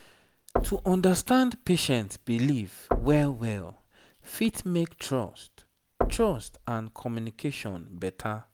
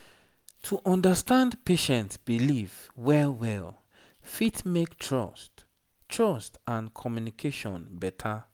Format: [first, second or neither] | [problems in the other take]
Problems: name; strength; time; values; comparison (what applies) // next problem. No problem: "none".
second | background sound (Knock / Wood); 8 dB below the speech